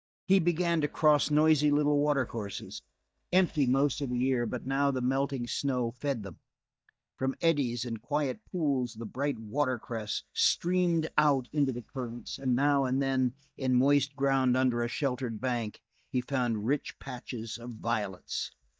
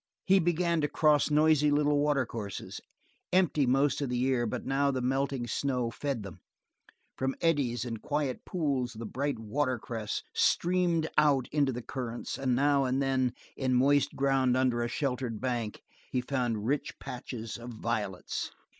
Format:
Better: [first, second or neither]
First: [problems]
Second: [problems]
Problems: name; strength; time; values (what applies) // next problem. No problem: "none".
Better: second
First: noise reduction (neural mask model DeepFilterNet 3)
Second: none